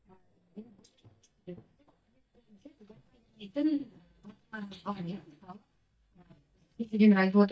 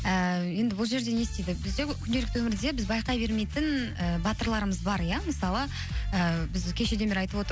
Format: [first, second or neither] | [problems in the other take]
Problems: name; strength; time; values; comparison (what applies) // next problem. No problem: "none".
second | noise reduction (neural mask model DeepFilterNet 3)